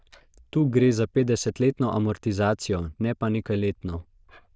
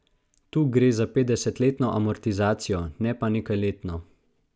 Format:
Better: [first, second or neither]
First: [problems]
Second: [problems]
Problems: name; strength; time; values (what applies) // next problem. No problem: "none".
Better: second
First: noise reduction (neural diffusion model UNIVERSE++)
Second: none